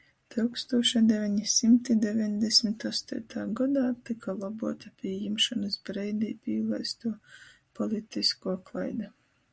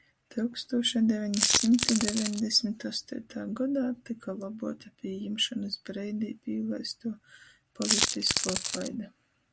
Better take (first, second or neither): first